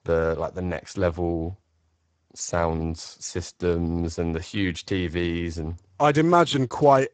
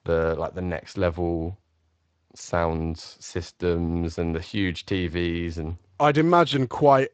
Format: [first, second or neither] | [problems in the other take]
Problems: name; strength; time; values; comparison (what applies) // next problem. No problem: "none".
second | garbled, watery; badly; nothing above 7.5 kHz; slightly in the second